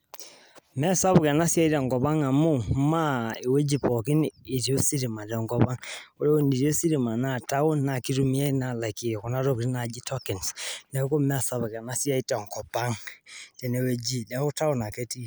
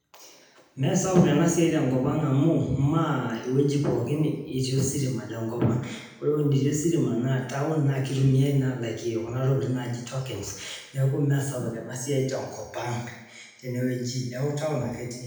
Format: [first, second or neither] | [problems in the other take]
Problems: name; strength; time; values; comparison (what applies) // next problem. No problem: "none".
first | room echo; dies away in 0.9 s